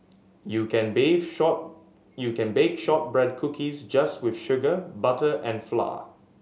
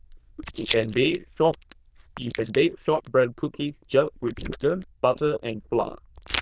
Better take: first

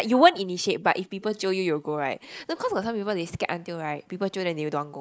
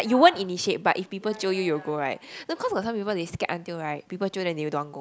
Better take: second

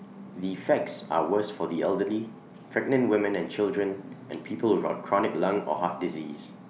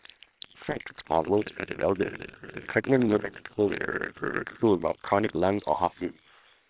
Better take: first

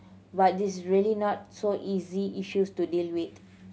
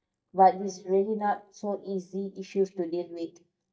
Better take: first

